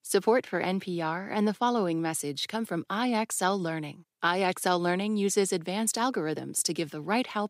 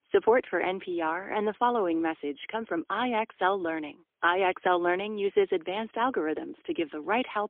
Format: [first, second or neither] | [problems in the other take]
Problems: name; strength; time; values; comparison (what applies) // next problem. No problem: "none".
first | phone-call audio; poor line; nothing above 3.5 kHz